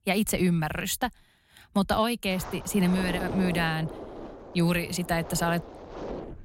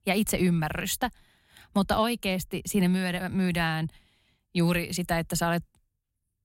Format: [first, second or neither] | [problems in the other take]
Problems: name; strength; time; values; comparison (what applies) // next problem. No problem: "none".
second | wind noise on the microphone; occasional gusts; from 2.5 s on; 10 dB below the speech